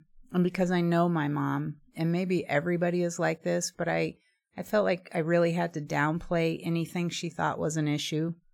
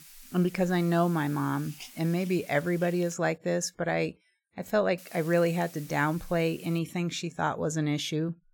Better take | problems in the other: first | hiss; noticeable; until 3 s and from 5 to 7 s; 20 dB below the speech

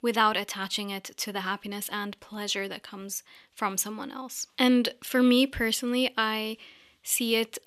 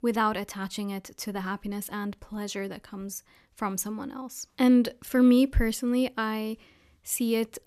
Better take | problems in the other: second | thin; very slightly; fading below 750 Hz

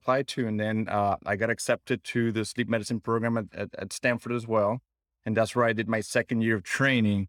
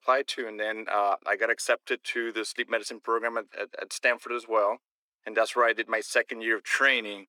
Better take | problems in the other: first | thin; very; fading below 350 Hz

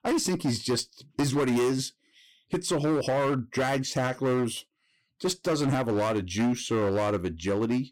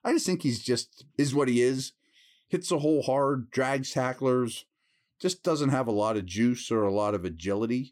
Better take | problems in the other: second | distortion; slight; 15% of the sound clipped

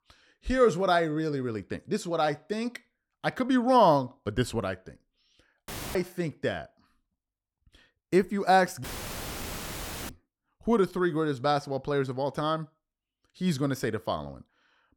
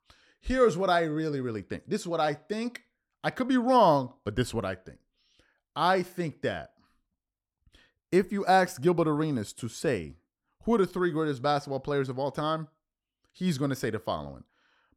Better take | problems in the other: second | audio cutting out; filled with static; at 5.5 s and at 9 s for 1.5 s

